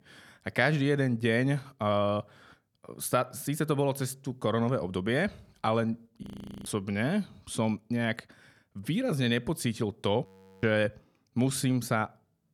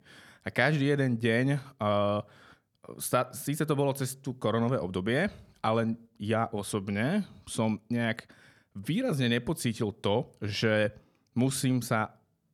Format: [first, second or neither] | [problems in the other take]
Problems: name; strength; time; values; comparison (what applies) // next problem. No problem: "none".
second | audio freezing; at 6 s and at 10 s